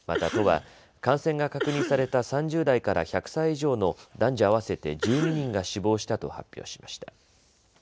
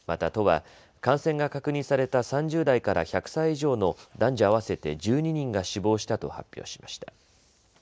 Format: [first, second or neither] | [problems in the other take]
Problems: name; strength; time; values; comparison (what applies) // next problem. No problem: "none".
second | background sound (Cough); 9 dB below the speech